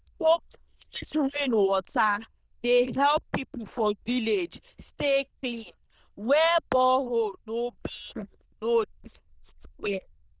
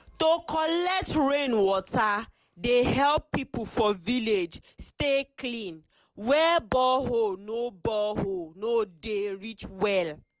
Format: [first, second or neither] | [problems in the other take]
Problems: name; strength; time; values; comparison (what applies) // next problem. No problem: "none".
second | noise reduction (neural diffusion model UNIVERSE++)